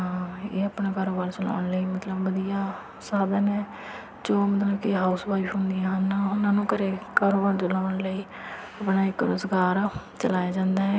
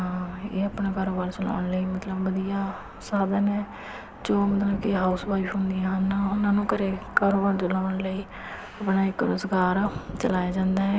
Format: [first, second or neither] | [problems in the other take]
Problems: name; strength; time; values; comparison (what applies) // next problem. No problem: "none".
first | background sound (Thunder); 17 dB below the speech